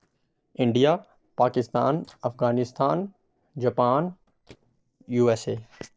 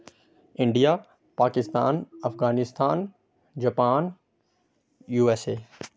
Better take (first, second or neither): second